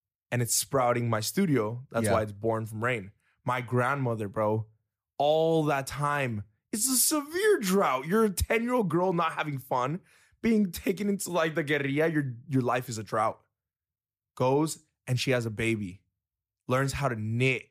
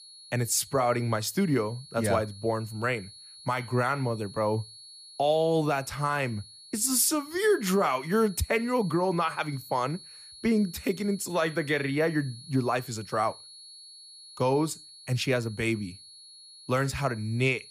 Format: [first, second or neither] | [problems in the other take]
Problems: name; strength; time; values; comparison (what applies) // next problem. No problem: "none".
first | high-pitched whine; noticeable; throughout; 4.5 kHz, 20 dB below the speech